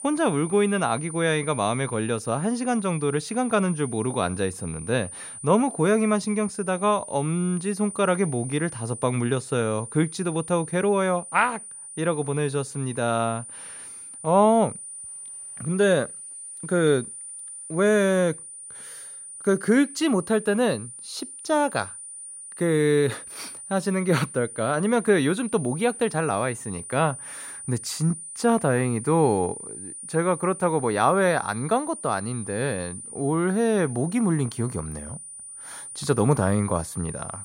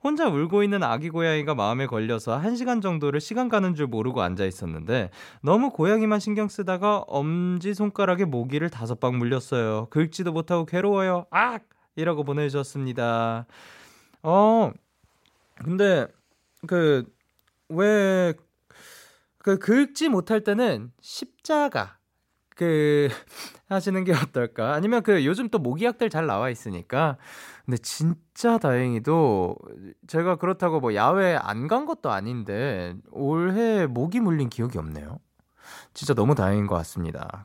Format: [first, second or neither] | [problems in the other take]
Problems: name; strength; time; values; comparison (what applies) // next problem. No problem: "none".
second | high-pitched whine; noticeable; throughout; 9.5 kHz, 10 dB below the speech